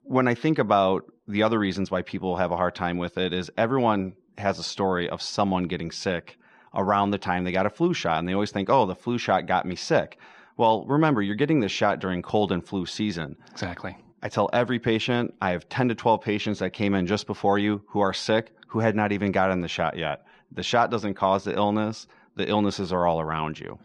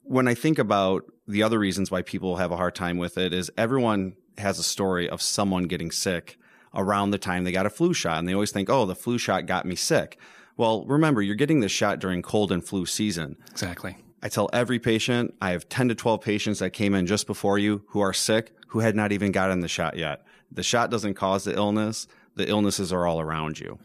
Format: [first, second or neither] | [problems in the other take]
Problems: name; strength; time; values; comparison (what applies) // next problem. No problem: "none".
second | muffled; slightly; fading above 4.5 kHz